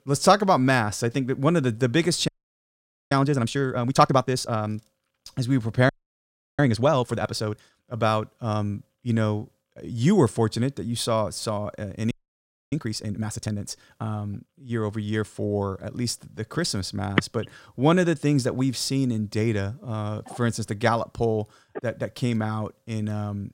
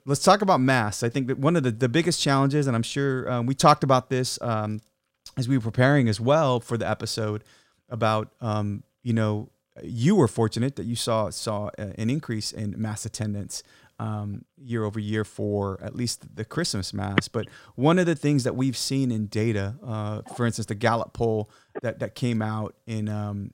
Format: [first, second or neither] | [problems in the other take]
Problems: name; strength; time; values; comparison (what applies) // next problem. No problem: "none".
second | audio freezing; at 2.5 s for 1 s, at 6 s for 0.5 s and at 12 s for 0.5 s